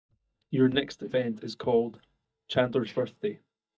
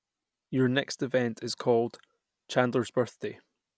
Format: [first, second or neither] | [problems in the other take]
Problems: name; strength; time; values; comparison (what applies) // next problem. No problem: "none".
second | noise reduction (neural mask model DeepFilterNet 3)